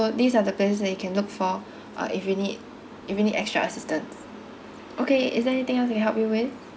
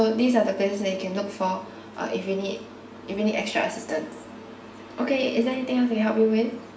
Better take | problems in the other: first | room echo; dies away in 0.6 s

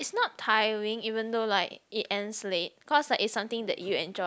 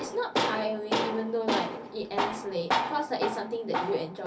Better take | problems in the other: first | background sound (Tools); 1 dB above the speech // room echo; dies away in 0.3 s

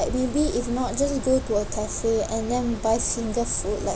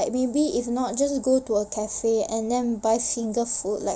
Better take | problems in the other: second | background sound (Mechanisms); 7 dB below the speech

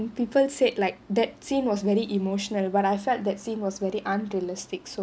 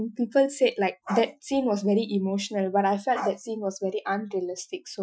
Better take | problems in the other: first | noise reduction (classical method Wiener filter)

